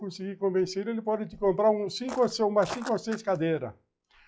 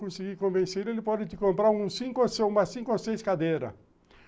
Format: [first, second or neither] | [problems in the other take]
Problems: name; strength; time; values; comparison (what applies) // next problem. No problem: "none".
second | noise reduction (classical method log-MMSE)